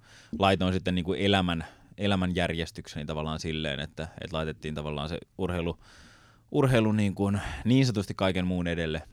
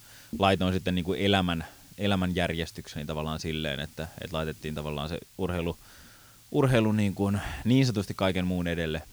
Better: first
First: none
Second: hiss; faint; throughout; 25 dB below the speech

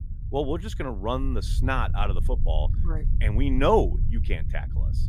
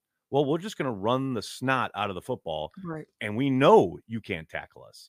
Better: second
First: low rumble; noticeable; throughout; 15 dB below the speech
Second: none

